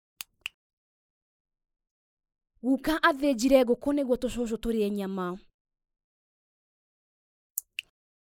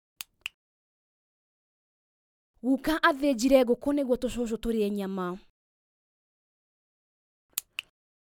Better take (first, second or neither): second